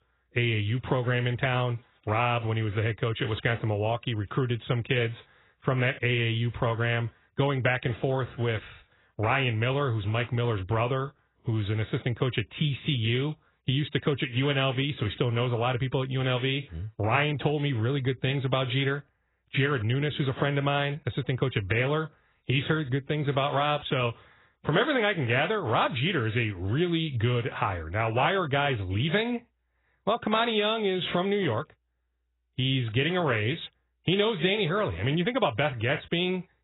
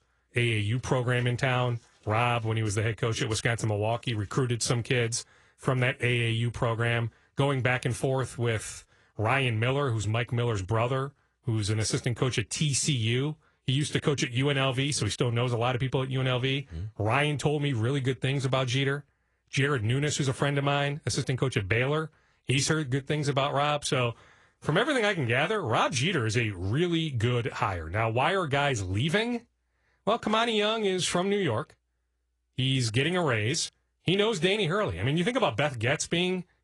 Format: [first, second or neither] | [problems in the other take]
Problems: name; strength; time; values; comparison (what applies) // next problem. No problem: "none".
second | garbled, watery; badly; nothing above 4 kHz; slightly in the second